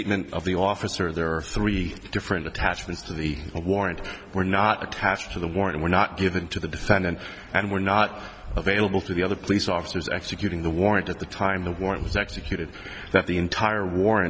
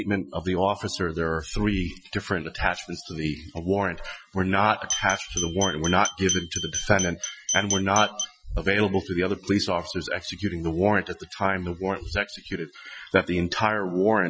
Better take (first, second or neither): first